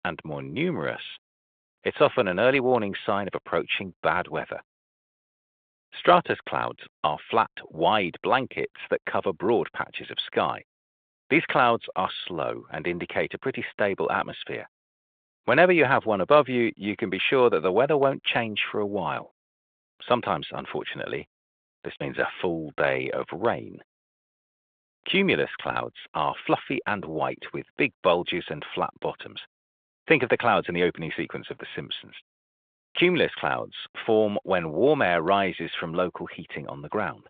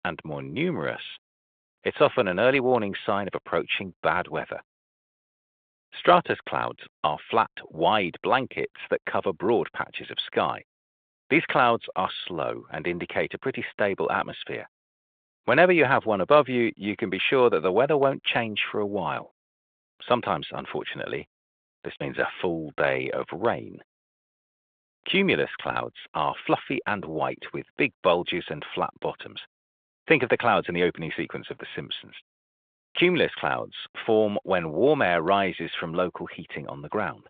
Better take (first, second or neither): neither